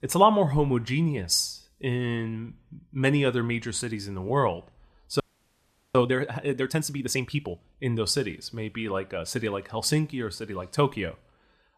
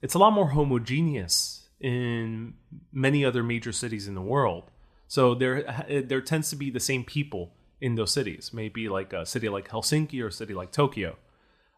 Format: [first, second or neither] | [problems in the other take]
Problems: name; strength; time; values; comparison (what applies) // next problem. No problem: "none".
second | audio freezing; at 5 s for 1 s